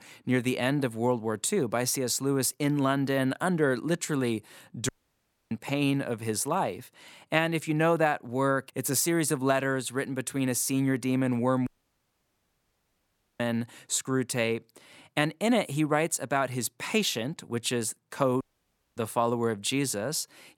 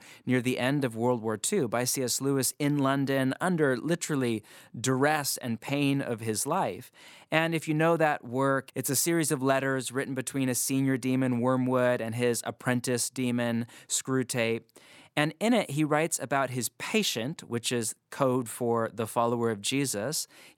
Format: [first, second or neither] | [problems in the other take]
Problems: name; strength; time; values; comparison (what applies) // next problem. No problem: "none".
second | audio cutting out; at 5 s for 0.5 s, at 12 s for 1.5 s and at 18 s for 0.5 s